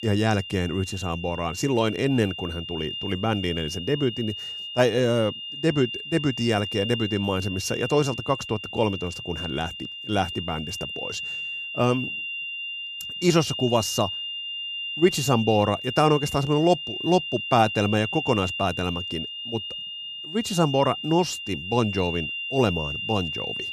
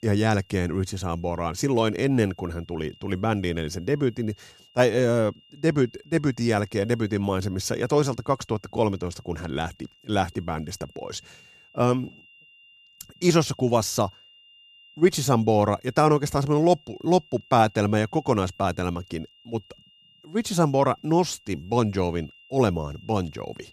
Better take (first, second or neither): second